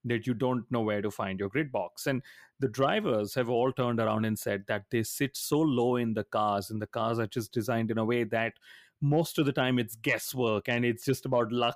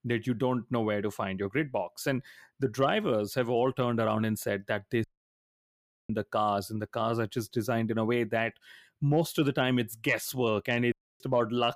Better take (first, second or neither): first